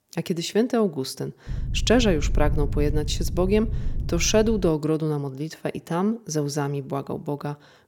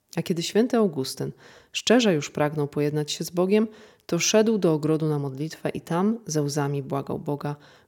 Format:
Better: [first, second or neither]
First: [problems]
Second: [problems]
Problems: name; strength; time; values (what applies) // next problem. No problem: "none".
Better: second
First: low rumble; noticeable; from 1.5 to 4.5 s; 20 dB below the speech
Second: none